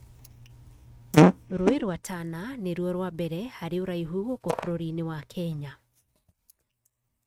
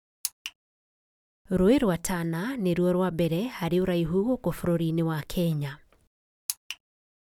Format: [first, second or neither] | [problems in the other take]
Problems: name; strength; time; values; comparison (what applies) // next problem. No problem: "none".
second | noise reduction (neural mask model RNNoise)